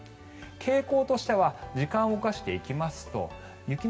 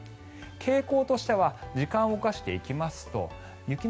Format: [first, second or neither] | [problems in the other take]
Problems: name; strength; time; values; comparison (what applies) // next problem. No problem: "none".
second | room echo; dies away in 1.9 s